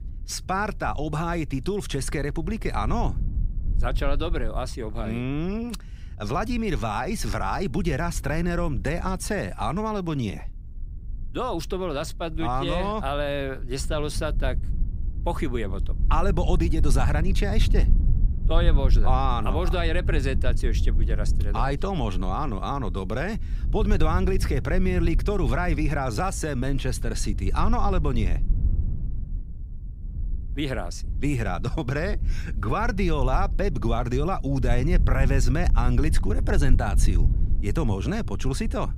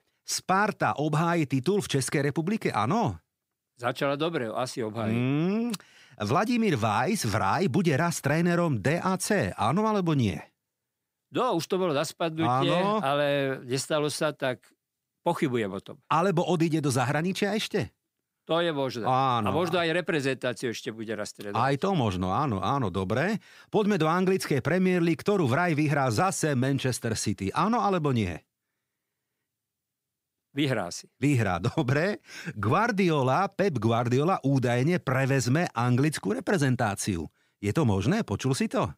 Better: second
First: low rumble; noticeable; throughout; 15 dB below the speech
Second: none

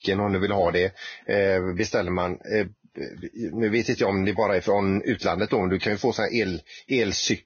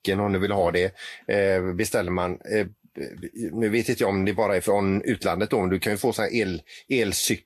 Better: second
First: garbled, watery; badly; nothing above 6.5 kHz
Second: garbled, watery; slightly; nothing above 12.5 kHz

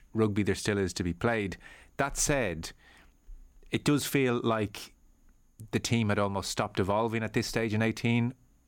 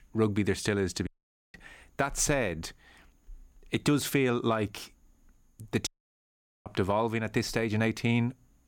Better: first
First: none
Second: audio cutting out; at 1 s and at 6 s for 1 s

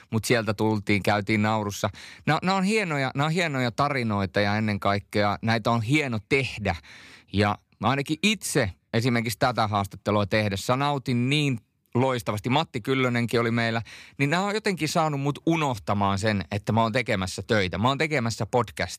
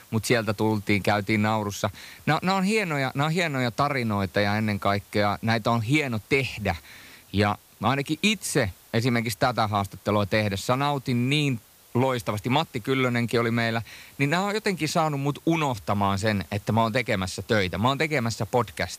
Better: first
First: none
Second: hiss; faint; throughout; 25 dB below the speech

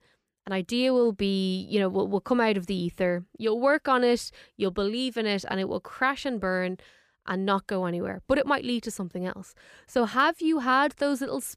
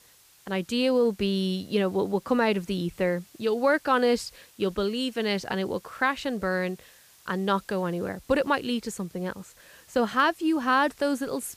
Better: first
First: none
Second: hiss; faint; throughout; 25 dB below the speech

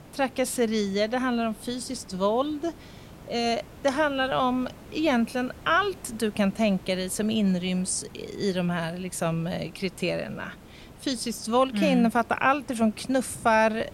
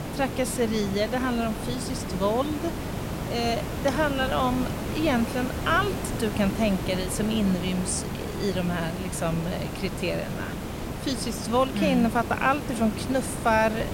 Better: first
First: hiss; faint; throughout; 20 dB below the speech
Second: hiss; loud; throughout; 5 dB below the speech

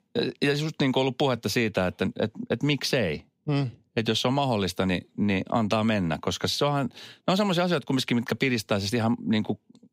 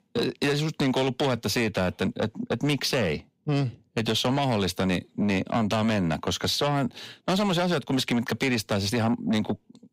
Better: first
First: none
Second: distortion; slight; 10 dB below the speech

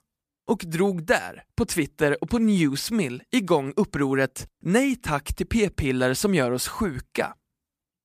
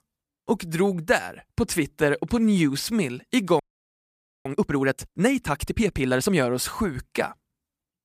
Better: first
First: none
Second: audio freezing; at 3.5 s for 1 s

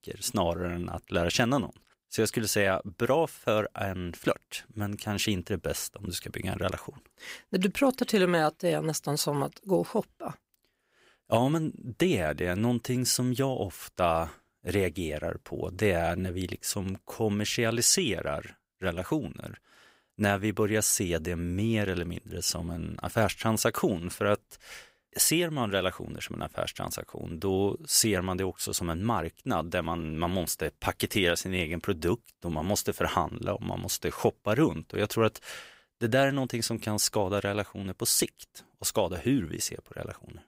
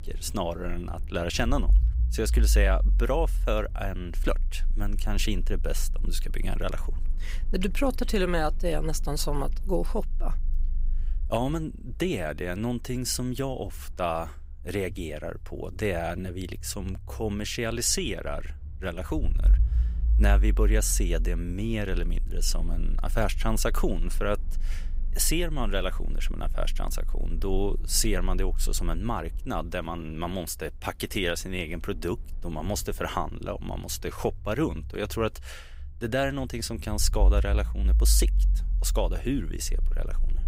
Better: first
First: none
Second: low rumble; faint; throughout; 20 dB below the speech

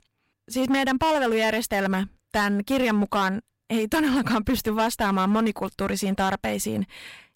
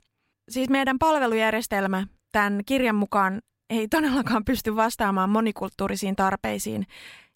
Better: second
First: distortion; slight; 10% of the sound clipped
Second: none

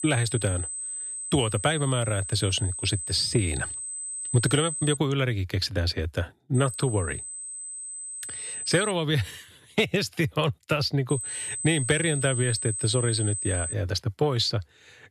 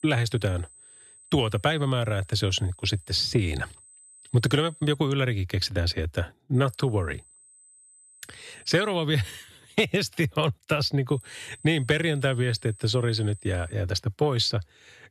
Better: second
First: high-pitched whine; loud; until 5 s, from 6.5 to 9 s and from 11 to 14 s; 8 kHz, 5 dB below the speech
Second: high-pitched whine; faint; until 5 s, from 6.5 to 9 s and from 11 to 14 s; 8 kHz, 25 dB below the speech

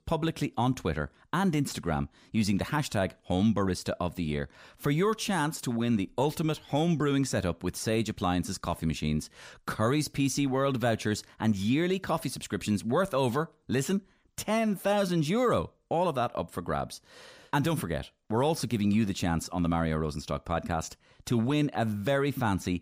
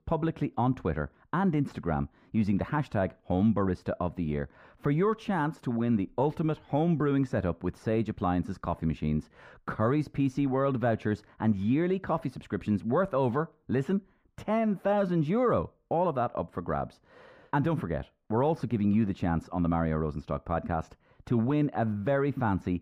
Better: first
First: none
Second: muffled; very; fading above 3 kHz

